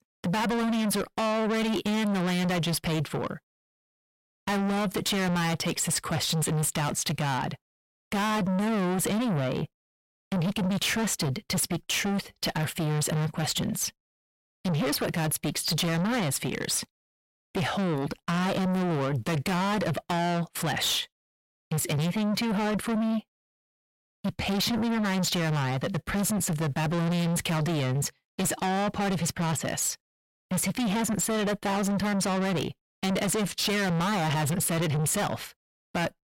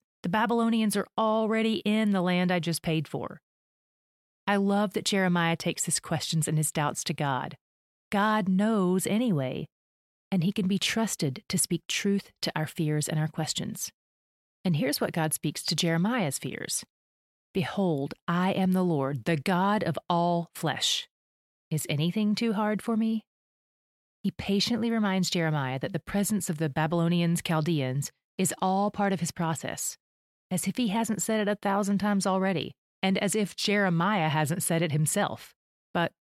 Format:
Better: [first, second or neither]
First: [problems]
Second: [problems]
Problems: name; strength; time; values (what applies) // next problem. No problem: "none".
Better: second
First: distortion; heavy; 6 dB below the speech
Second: none